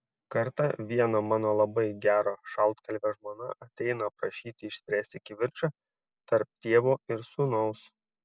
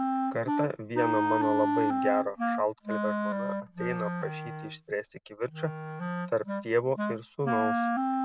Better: first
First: none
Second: background sound (Wind instrument, woodwind instrument); 1 dB above the speech

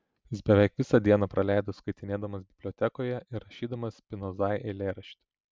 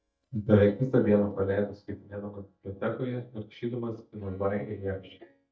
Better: first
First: none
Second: noise reduction (neural mask model DeepFilterNet 3)

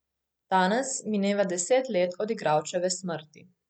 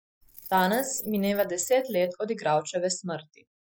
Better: first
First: none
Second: noise reduction (classical method Wiener filter)

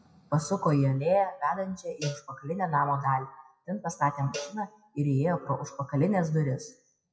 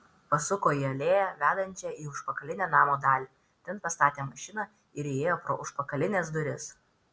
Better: second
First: noise reduction (classical method WPE with log-MMSE)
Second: none

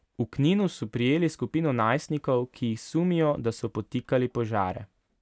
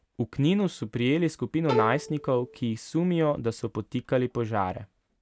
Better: first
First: none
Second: background sound (Bowed string instrument); 4 dB below the speech

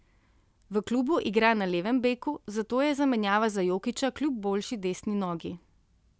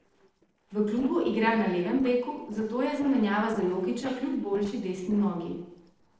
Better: first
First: none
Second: noise reduction (neural separator model SepFormer DNS4)

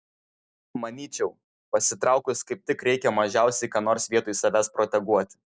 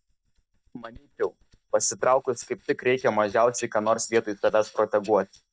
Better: first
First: none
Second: noise reduction (neural mask model DeepFilterNet 3)

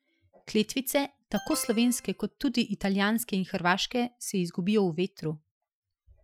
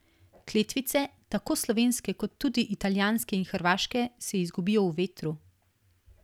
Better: second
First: noise reduction (classical method Wiener filter)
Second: none

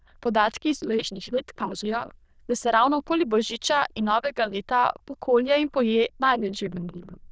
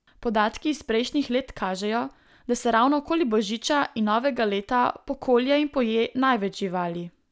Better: second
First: noise reduction (neural diffusion model UNIVERSE++)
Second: none

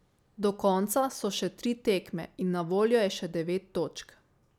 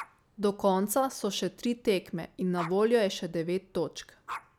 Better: first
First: none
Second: background sound (Dog); 18 dB below the speech

